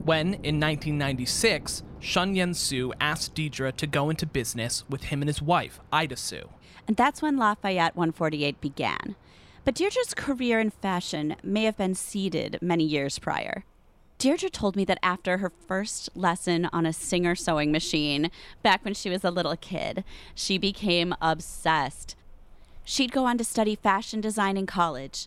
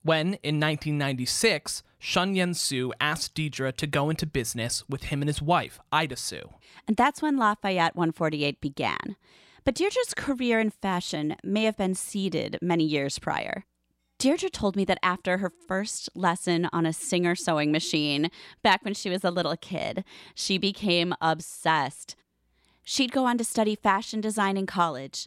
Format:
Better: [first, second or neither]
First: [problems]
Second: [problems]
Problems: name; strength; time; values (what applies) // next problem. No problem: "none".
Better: second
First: rain or running water; faint; throughout; 25 dB below the speech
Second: none